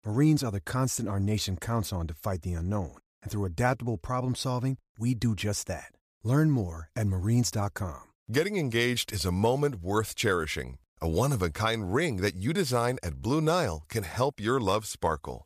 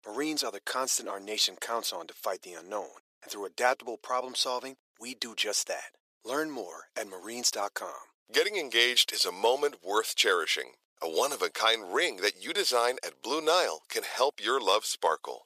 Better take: first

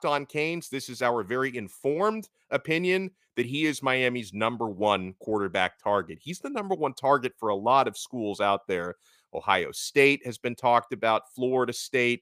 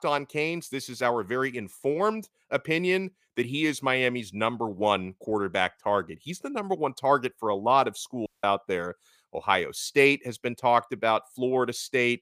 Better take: first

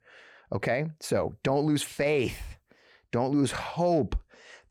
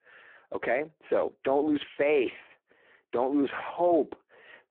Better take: first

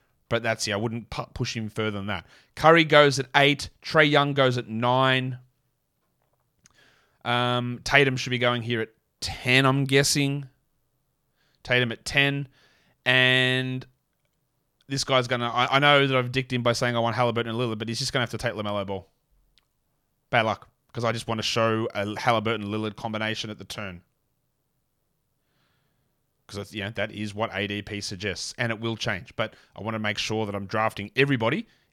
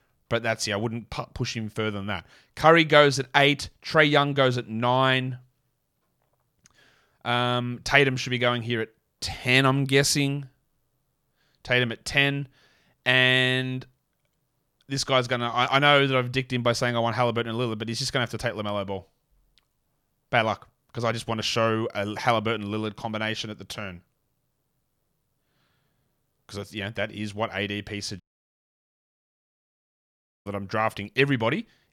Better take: first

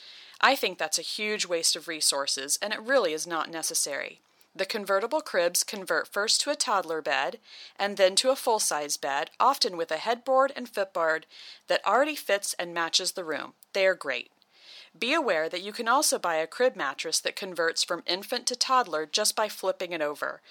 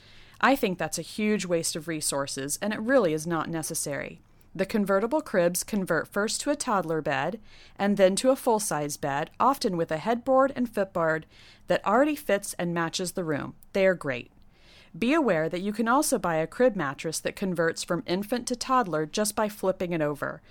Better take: second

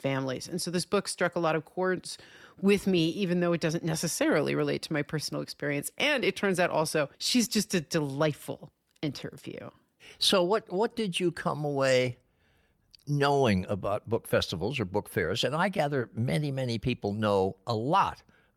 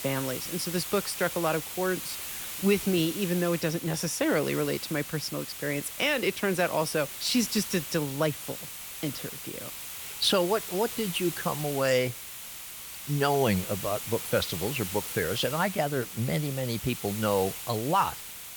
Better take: first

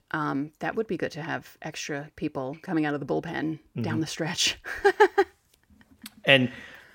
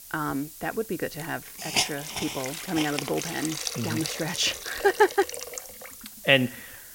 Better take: first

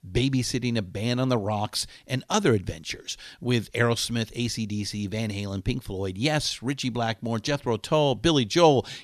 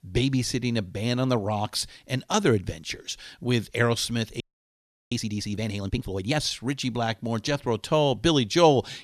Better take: first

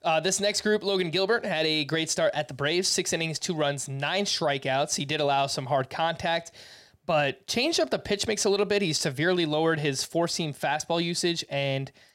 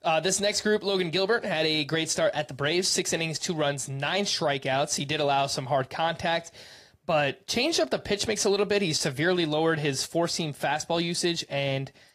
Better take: first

